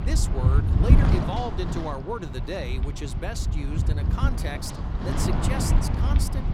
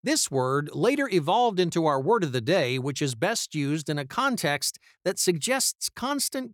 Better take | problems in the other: second | wind noise on the microphone; heavy; 1 dB below the speech

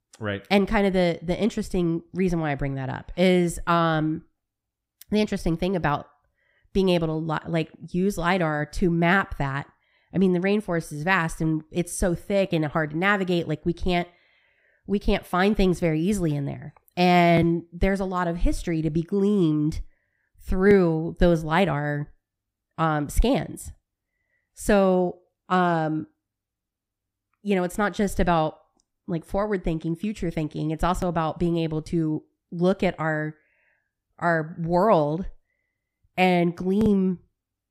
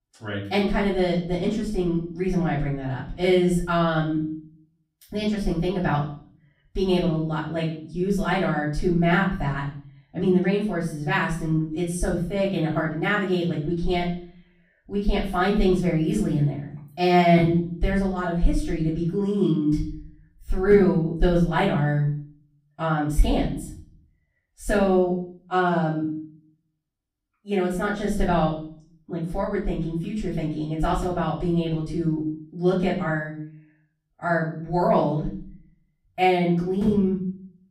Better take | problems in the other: first | off-mic speech; far // room echo; noticeable; dies away in 0.5 s

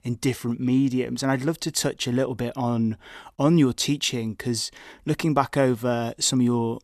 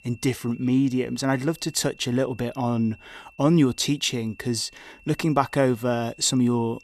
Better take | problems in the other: first | high-pitched whine; faint; throughout; 2.5 kHz, 25 dB below the speech

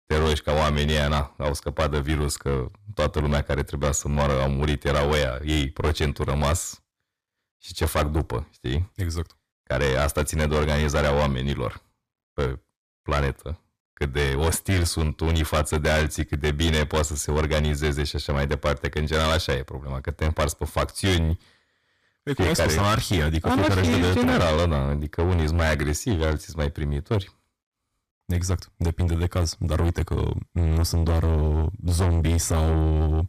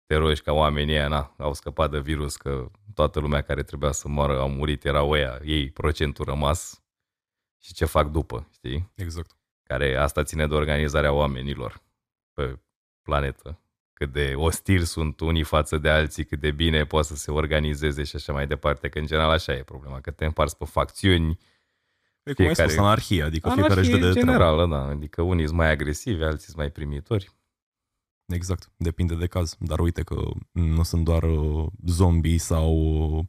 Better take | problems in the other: second | distortion; heavy; 7 dB below the speech

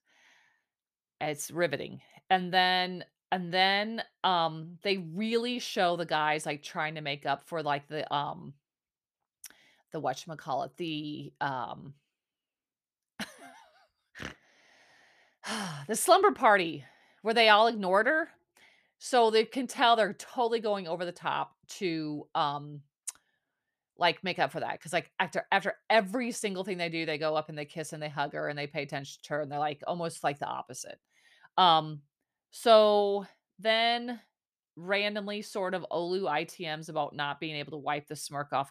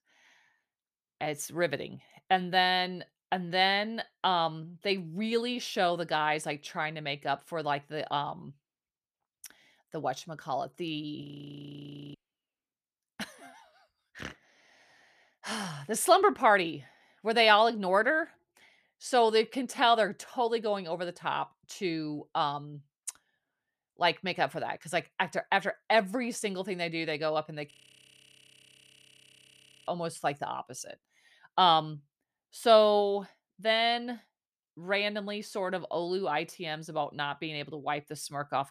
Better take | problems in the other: first | audio freezing; at 11 s for 1 s and at 28 s for 2 s

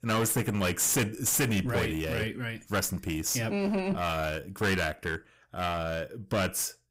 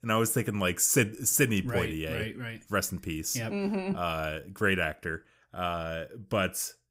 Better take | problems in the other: second | distortion; heavy; 13% of the sound clipped

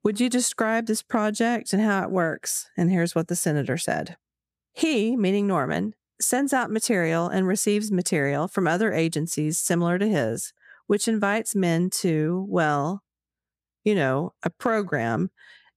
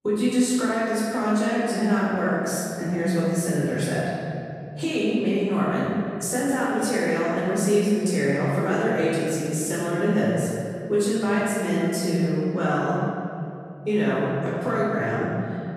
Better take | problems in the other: first | room echo; strong; dies away in 2.6 s // off-mic speech; far

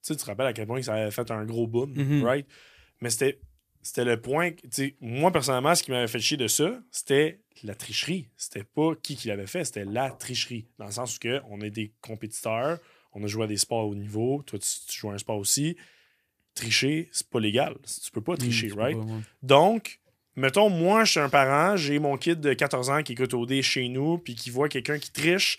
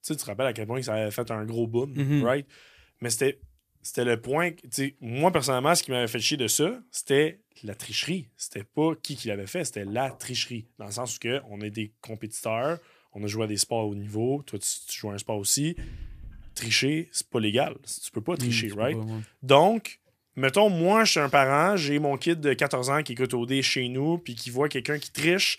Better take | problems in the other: first | dog barking; faint; at 16 s; peak 15 dB below the speech

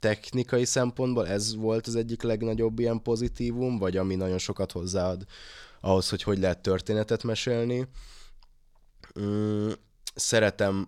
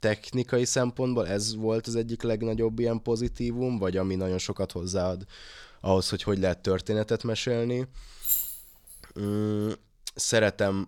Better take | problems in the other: first | jangling keys; loud; at 8 s; peak 3 dB above the speech

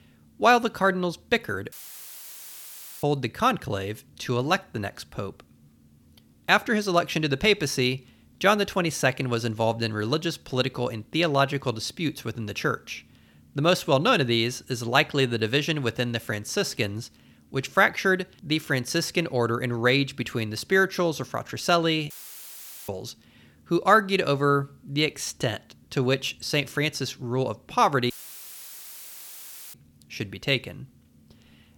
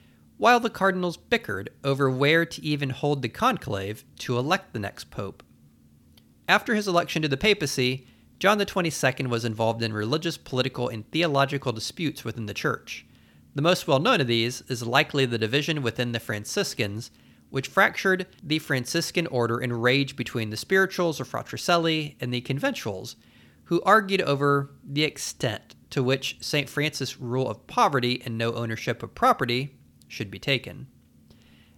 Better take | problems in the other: second | audio cutting out; filled with static; at 1.5 s for 1.5 s, at 22 s for 1 s and at 28 s for 1.5 s

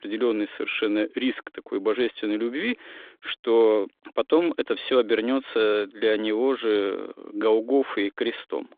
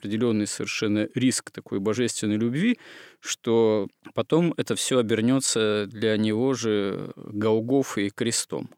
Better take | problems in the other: second | phone-call audio

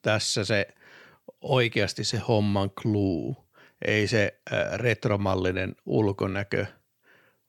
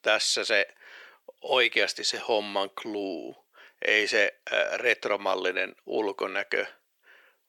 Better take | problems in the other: first | thin; very; fading below 400 Hz

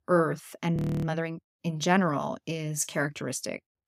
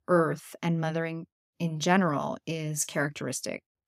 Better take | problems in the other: second | audio freezing; at 1 s

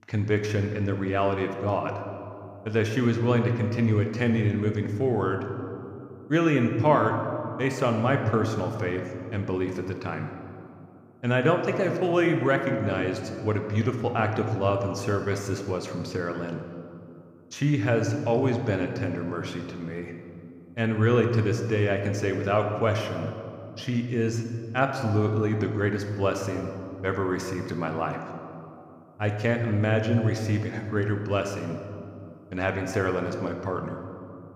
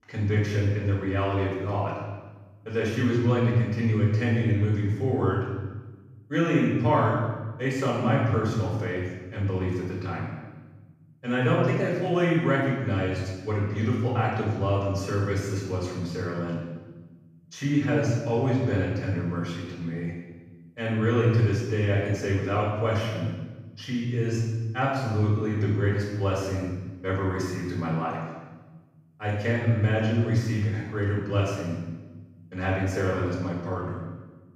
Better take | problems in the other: first | room echo; strong; dies away in 1.1 s; slight in the first // off-mic speech; far

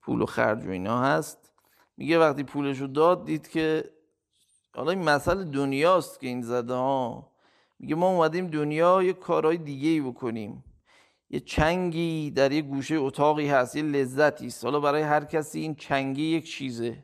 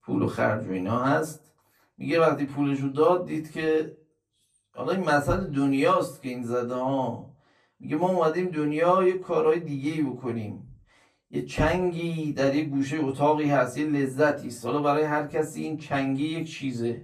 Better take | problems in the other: first | off-mic speech; far // room echo; very slight; dies away in 0.2 s

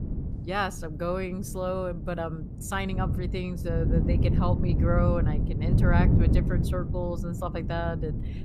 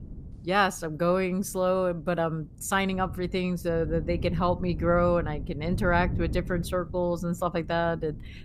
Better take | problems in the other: second | wind noise on the microphone; heavy; 6 dB below the speech; occasional gusts in the second

